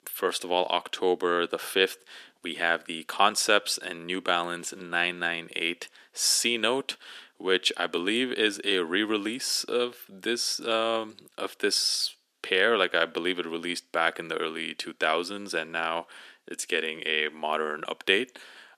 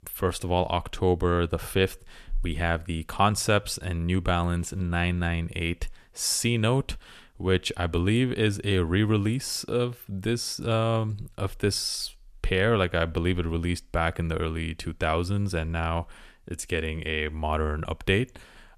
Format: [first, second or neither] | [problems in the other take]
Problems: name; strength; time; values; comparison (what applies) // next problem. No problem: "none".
second | thin; somewhat; fading below 300 Hz